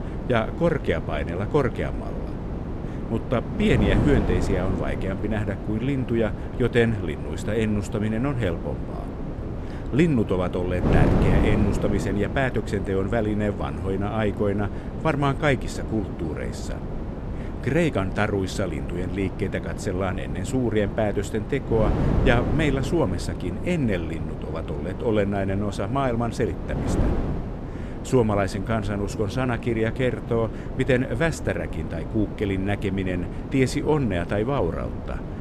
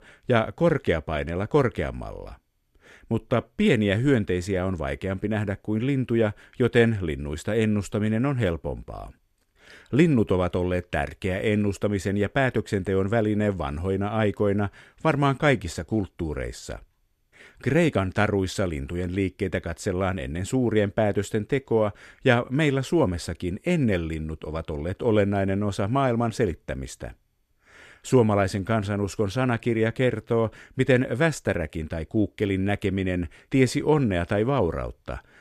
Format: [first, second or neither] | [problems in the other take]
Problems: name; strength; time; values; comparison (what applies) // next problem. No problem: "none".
second | wind noise on the microphone; heavy; 8 dB below the speech